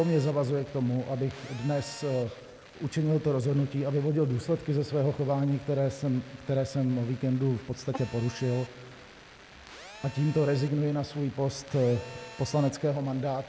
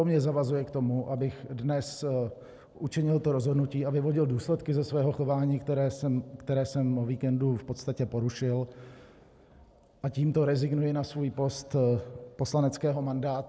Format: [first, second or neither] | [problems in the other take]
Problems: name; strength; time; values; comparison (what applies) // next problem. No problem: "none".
second | background sound (Telephone); 20 dB below the speech